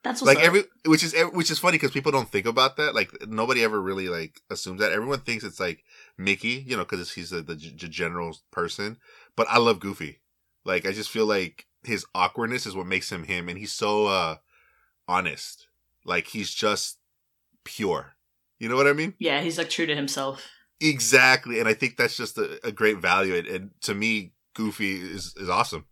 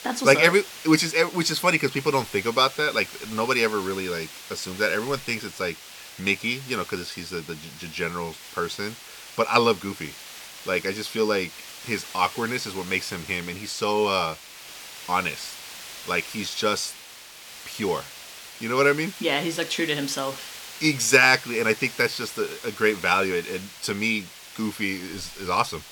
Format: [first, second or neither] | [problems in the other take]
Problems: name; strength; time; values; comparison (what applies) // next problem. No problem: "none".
first | hiss; noticeable; throughout; 15 dB below the speech